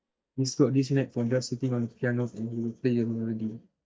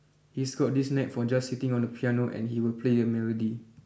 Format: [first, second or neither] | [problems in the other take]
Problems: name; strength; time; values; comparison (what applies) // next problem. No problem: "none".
second | noise reduction (neural mask model DeepFilterNet 3)